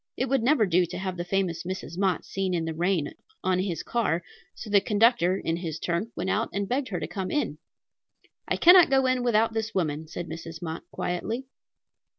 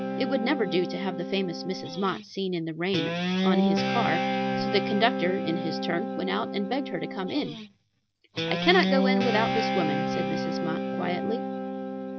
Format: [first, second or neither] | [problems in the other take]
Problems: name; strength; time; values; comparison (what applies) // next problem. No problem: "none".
first | background sound (Guitar); as loud as the speech